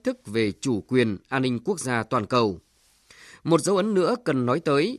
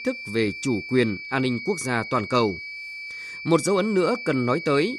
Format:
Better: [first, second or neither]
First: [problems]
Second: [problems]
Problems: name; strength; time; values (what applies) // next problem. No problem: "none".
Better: first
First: none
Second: high-pitched whine; loud; throughout; 2.5 kHz, 10 dB below the speech